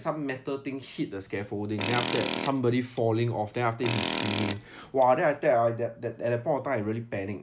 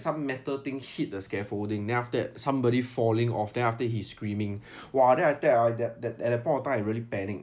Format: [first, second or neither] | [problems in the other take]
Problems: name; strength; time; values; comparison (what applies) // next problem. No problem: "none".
second | background sound (Tools); 5 dB below the speech